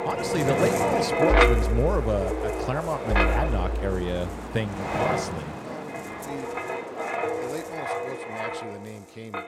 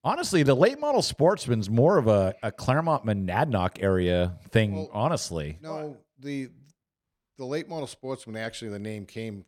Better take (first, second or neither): second